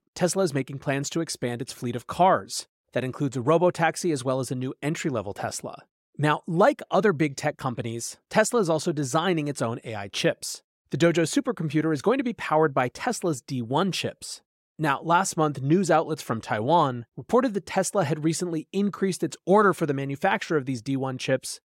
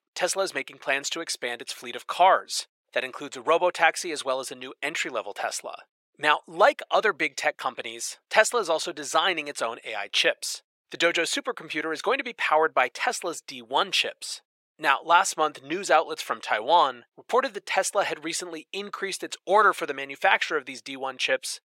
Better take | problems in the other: first | thin; very; fading below 650 Hz

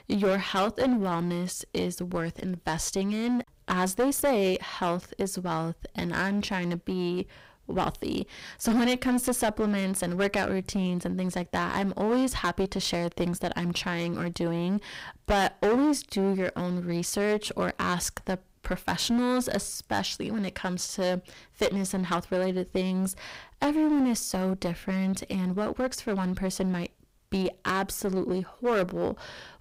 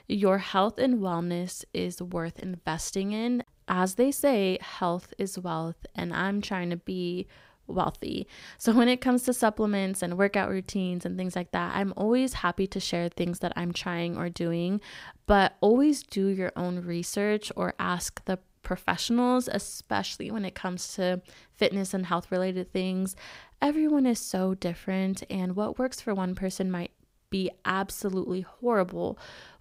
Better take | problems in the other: second | distortion; heavy; 12% of the sound clipped

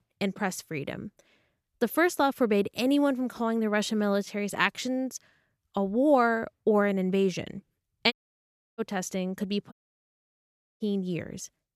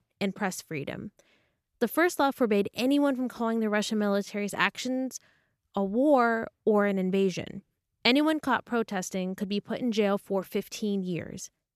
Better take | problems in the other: second | audio cutting out; at 8 s for 0.5 s and at 9.5 s for 1 s

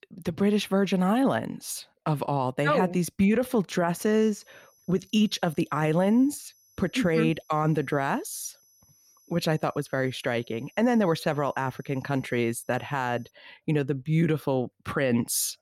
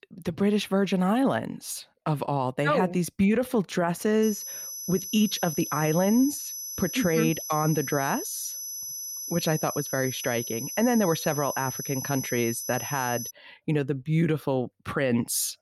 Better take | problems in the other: first | high-pitched whine; loud; from 4 to 13 s; 6 kHz, 7 dB below the speech; faint in the first

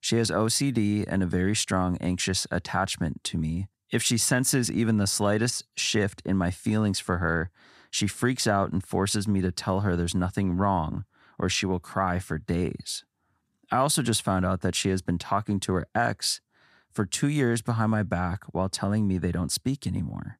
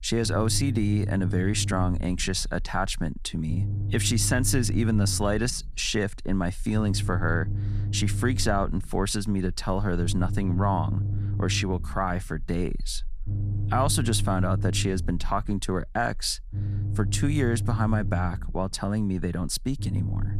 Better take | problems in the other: first | low rumble; noticeable; throughout; 15 dB below the speech

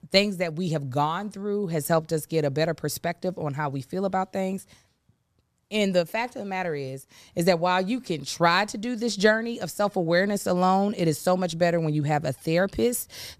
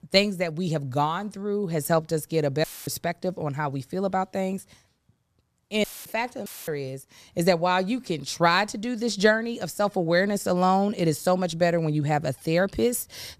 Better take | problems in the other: first | audio cutting out; filled with static; at 2.5 s, at 6 s and at 6.5 s

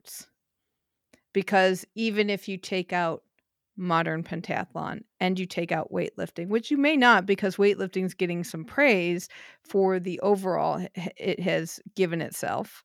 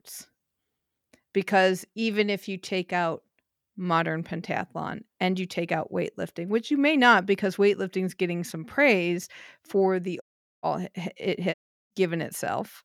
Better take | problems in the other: first | audio cutting out; at 10 s and at 12 s

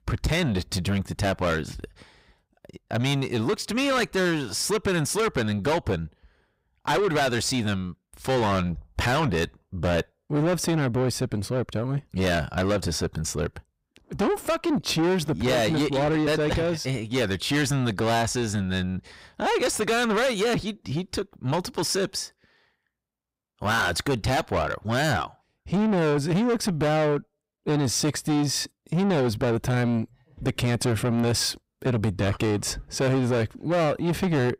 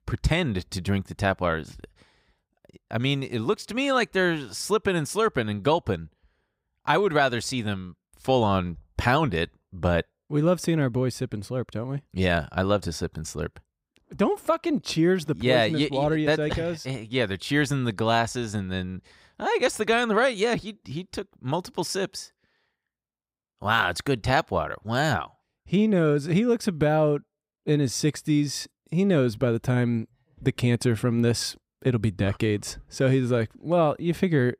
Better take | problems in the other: second | distortion; heavy; 6 dB below the speech

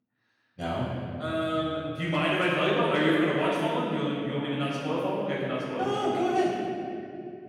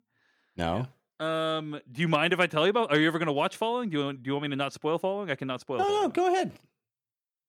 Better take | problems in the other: second | off-mic speech; far // room echo; strong; dies away in 2.8 s

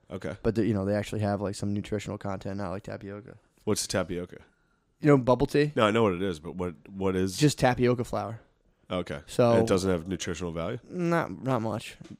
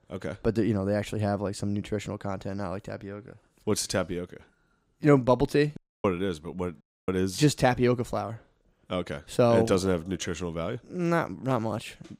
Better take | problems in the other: first | audio cutting out; at 6 s and at 7 s

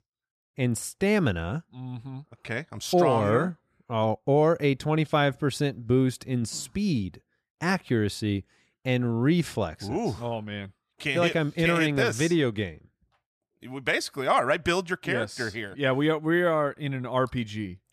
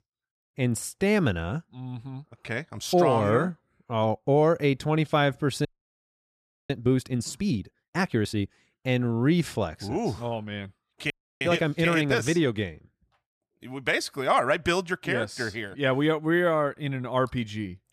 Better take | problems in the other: first | audio freezing; at 5.5 s for 1 s and at 11 s

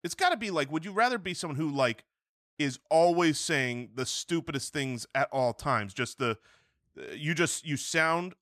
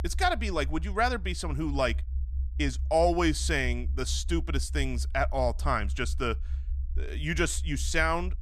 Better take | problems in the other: first | low rumble; faint; throughout; 25 dB below the speech

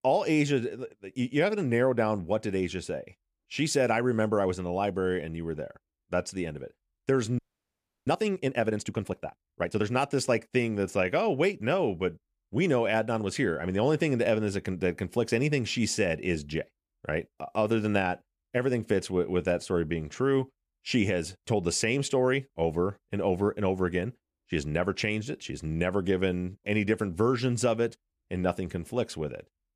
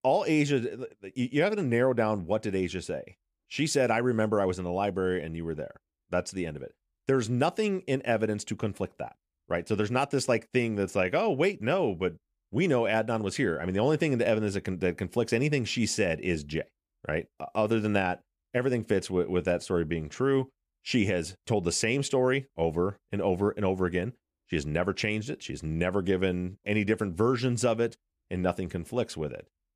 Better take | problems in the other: second | audio freezing; at 7.5 s for 0.5 s

